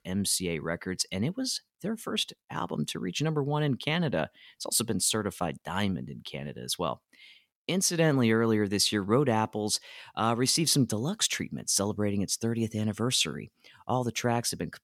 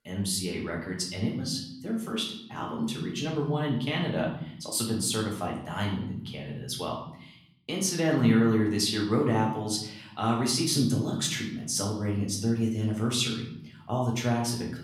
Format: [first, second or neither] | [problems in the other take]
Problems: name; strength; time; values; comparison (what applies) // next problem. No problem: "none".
first | room echo; slight; dies away in 0.8 s // off-mic speech; far